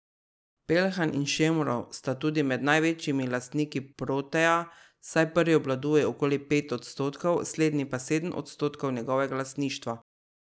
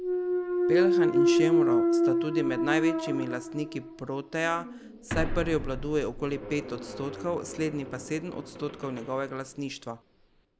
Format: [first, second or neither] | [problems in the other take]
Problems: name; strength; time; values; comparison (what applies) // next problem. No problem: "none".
first | background sound (Thump, thud); 3 dB above the speech